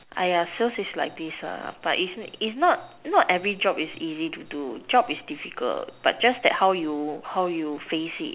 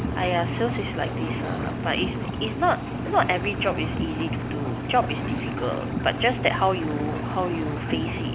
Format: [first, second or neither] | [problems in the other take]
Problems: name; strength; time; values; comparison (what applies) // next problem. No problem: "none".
first | background sound (Engine); 1 dB below the speech